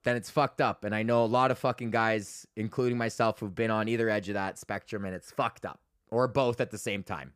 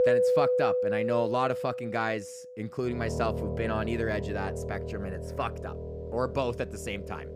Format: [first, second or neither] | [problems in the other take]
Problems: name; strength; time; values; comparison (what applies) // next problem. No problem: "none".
first | background music; very loud; throughout; as loud as the speech